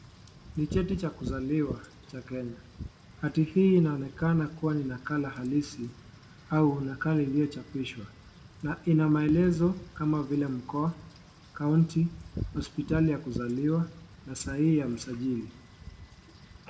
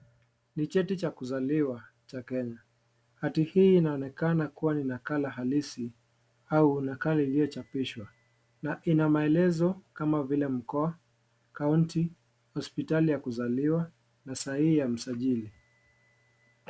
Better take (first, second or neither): second